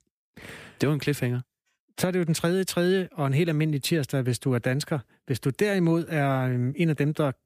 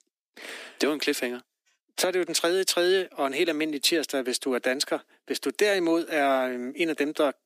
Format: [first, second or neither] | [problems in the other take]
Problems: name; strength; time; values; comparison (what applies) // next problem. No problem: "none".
first | thin; somewhat; fading below 250 Hz